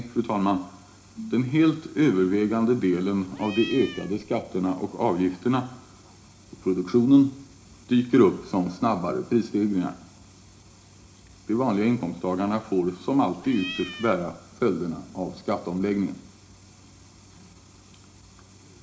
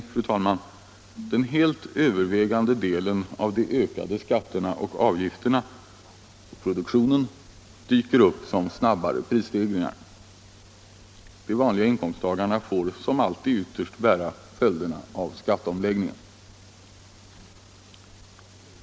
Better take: second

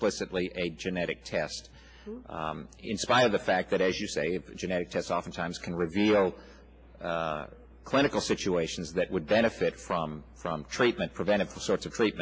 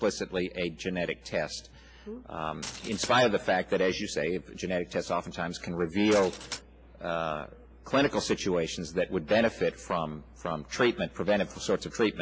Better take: first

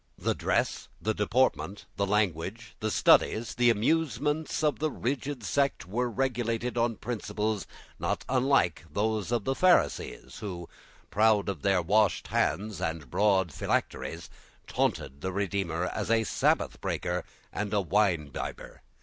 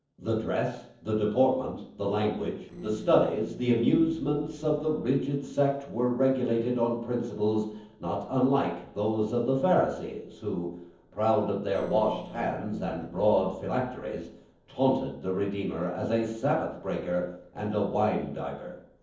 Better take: first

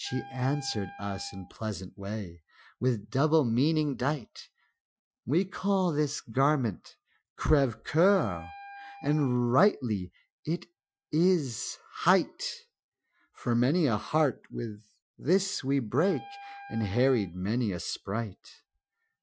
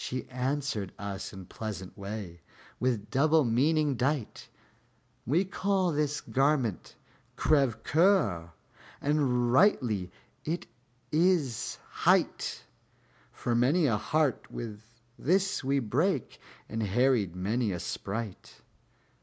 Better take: second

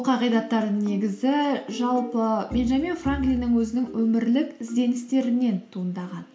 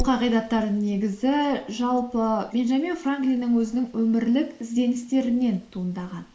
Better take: first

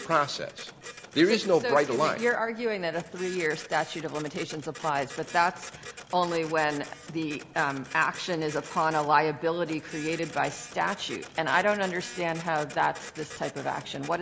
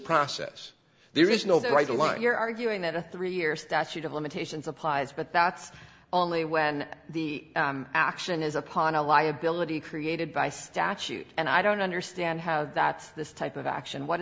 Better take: second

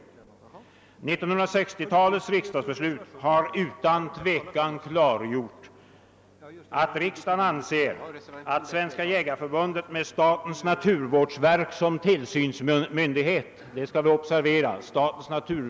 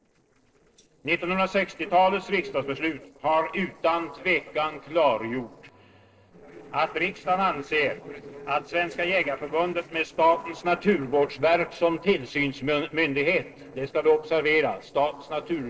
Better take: first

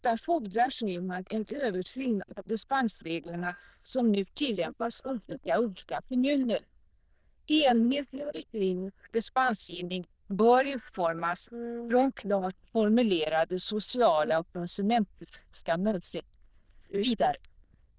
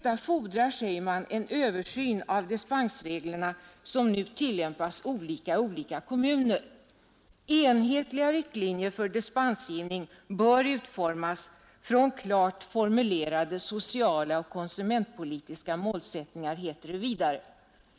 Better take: second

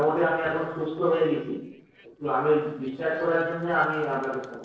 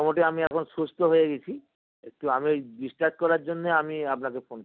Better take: second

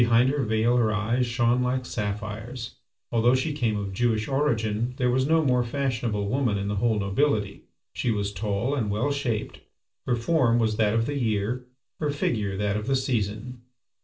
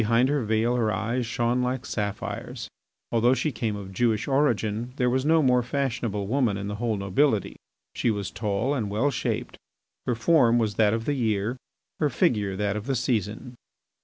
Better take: second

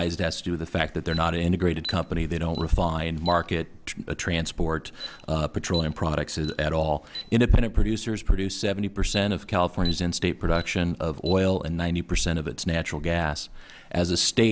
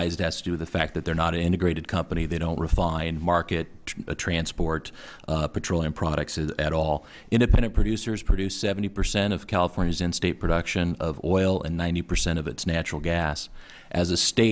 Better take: second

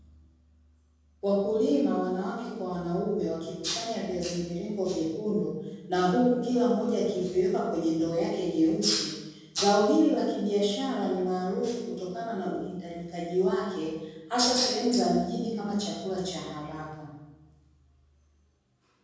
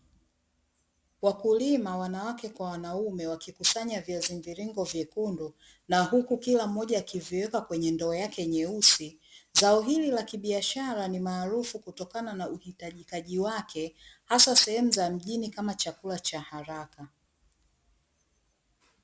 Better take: second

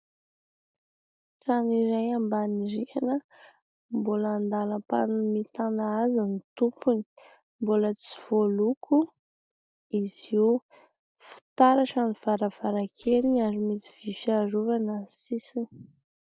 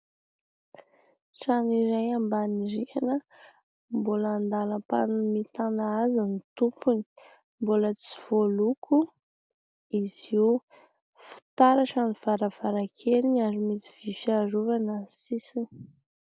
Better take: second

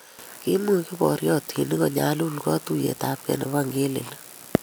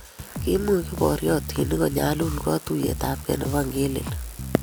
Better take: first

